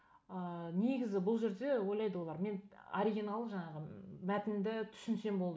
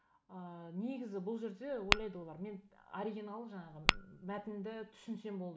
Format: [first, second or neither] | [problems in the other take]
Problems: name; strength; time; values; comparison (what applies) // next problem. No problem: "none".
first | background sound (Tap / Glass); 3 dB above the speech